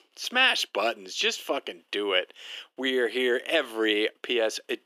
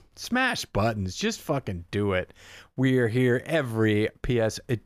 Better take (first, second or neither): second